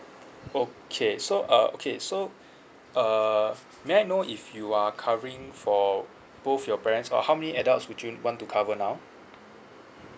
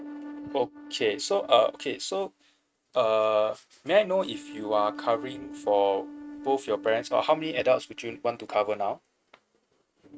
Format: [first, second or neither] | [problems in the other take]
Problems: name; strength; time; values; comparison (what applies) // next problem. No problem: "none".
first | noise reduction (neural mask model RNNoise)